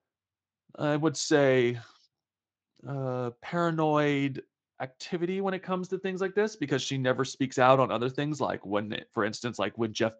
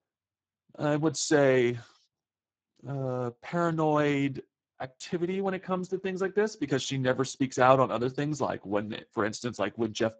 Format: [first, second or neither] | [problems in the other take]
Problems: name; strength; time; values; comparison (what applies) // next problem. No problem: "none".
first | garbled, watery; badly; nothing above 7.5 kHz; slightly in the first